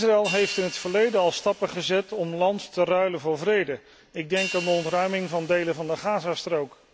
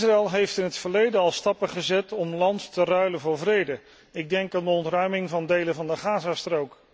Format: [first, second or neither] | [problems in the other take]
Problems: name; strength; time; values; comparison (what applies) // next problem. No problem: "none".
second | background sound (Hi-hat); 14 dB below the speech